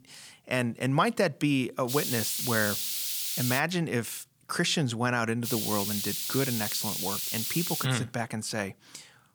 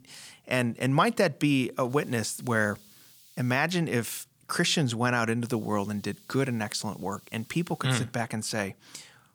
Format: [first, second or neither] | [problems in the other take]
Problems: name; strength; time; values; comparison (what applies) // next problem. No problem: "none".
second | hiss; loud; from 2 to 3.5 s and from 5.5 to 8 s; as loud as the speech; faint in the second